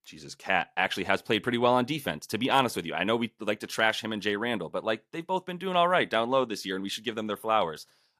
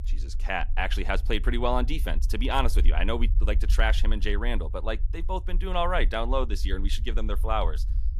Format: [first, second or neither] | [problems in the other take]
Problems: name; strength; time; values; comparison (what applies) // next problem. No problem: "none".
first | low rumble; faint; throughout; 20 dB below the speech